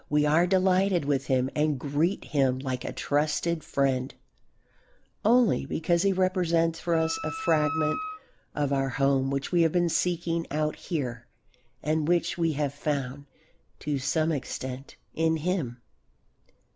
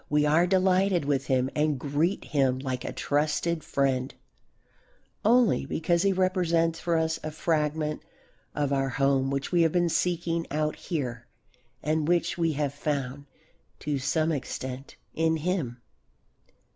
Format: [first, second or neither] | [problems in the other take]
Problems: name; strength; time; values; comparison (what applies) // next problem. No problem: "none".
second | background sound (Wind instrument, woodwind instrument); 7 dB below the speech